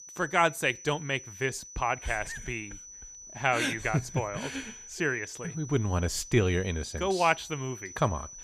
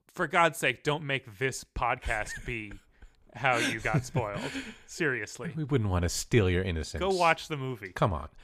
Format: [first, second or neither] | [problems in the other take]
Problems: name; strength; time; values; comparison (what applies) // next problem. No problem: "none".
second | high-pitched whine; noticeable; throughout; 6 kHz, 15 dB below the speech